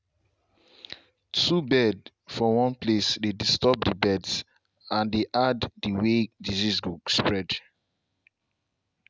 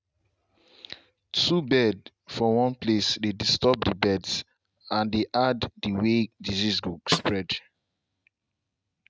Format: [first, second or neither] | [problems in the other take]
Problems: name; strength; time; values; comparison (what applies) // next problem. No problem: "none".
first | noise reduction (neural mask model RNNoise)